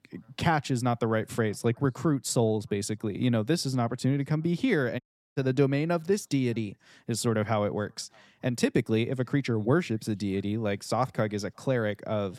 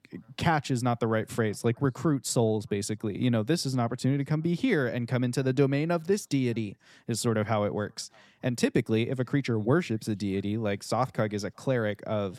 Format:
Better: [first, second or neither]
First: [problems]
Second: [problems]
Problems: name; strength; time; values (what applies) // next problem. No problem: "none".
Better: second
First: audio cutting out; at 5 s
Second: none